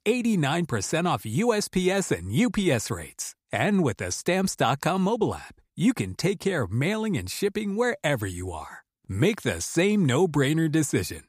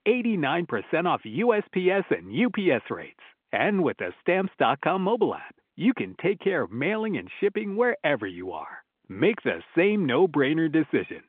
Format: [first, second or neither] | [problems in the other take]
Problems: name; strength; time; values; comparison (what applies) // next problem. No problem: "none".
first | phone-call audio; nothing above 3.5 kHz